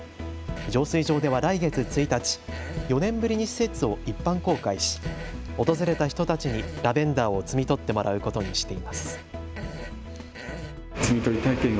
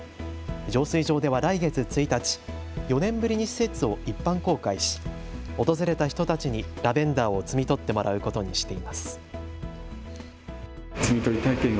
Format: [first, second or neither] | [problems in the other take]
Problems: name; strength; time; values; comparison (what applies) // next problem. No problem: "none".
second | background sound (Fart); 17 dB below the speech